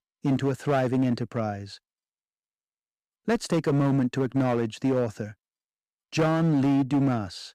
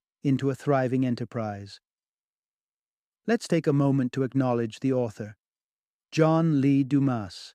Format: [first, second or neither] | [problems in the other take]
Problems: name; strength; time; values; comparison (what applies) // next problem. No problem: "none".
second | distortion; slight; 9% of the sound clipped